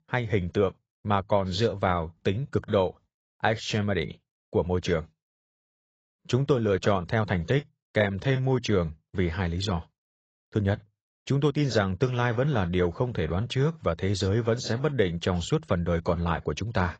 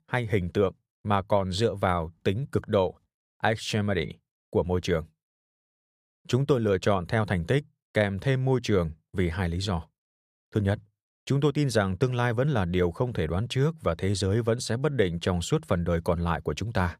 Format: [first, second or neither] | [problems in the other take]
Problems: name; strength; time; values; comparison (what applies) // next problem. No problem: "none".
second | garbled, watery; badly; nothing above 7.5 kHz